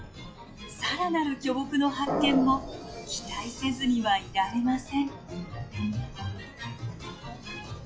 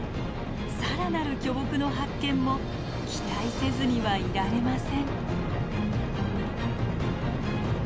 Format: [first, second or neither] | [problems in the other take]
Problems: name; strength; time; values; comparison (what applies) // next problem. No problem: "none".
second | noise reduction (classical method log-MMSE)